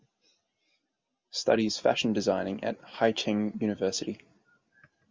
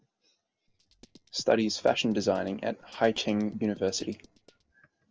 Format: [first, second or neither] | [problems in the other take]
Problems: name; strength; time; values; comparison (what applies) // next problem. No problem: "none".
first | noise reduction (neural separator model SepFormer DNS4)